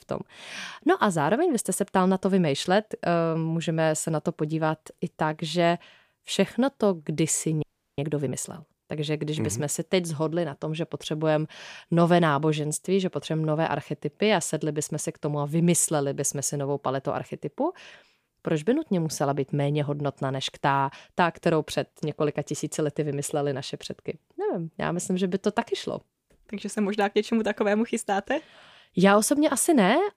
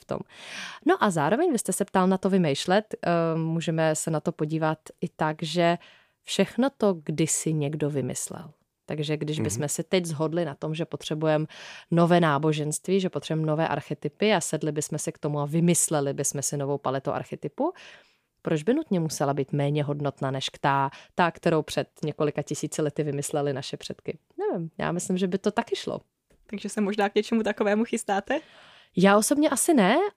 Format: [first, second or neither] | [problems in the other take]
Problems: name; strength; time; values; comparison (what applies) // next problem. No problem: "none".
second | audio freezing; at 7.5 s